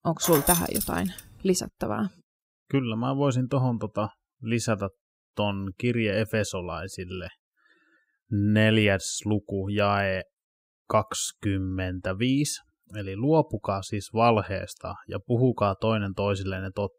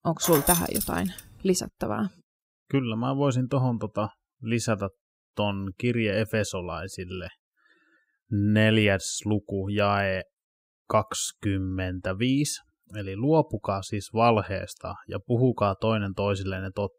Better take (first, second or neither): neither